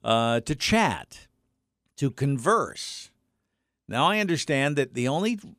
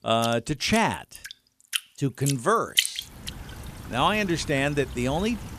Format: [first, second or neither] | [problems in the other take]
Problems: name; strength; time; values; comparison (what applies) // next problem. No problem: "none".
first | rain or running water; loud; throughout; 7 dB below the speech